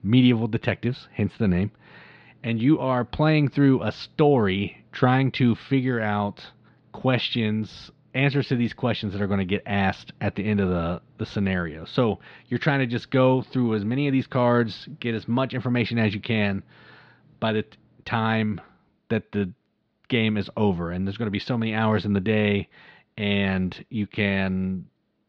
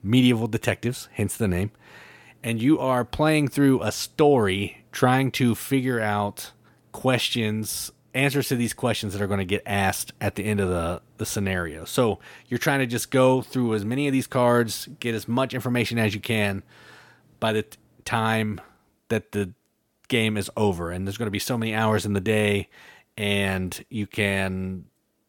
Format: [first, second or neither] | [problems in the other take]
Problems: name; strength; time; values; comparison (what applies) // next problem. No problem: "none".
second | muffled; very slightly; fading above 4.5 kHz